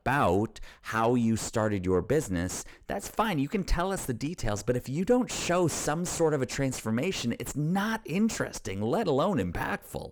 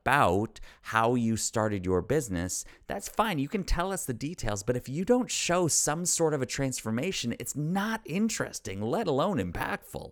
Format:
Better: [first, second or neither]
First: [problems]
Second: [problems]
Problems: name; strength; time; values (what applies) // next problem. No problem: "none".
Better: second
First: distortion; slight; 8 dB below the speech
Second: none